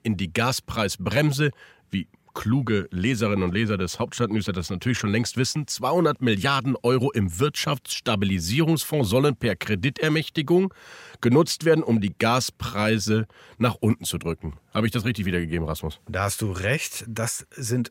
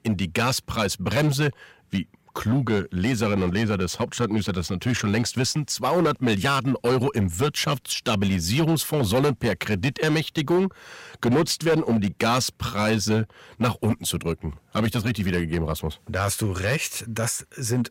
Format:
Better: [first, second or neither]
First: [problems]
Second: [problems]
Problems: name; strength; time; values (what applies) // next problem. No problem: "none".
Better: first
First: none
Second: distortion; slight; 7% of the sound clipped